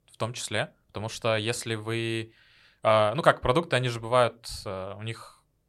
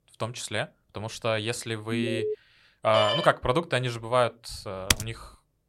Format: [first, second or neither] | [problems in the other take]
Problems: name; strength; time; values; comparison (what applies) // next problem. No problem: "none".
first | alarm; noticeable; at 2 s; peak 2 dB below the speech // phone ringing; loud; at 3 s; peak 1 dB above the speech // keyboard typing; loud; at 5 s; peak 2 dB above the speech